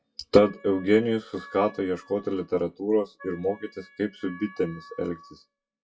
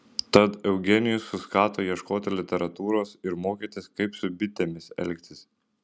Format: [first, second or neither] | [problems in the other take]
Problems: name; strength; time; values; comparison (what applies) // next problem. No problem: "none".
second | noise reduction (classical method WPE with log-MMSE)